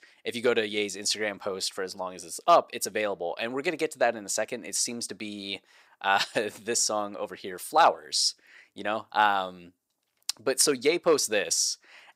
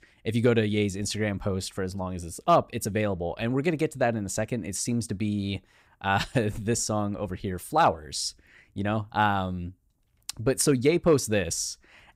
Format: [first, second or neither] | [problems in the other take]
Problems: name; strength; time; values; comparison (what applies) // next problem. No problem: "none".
second | thin; somewhat; fading below 450 Hz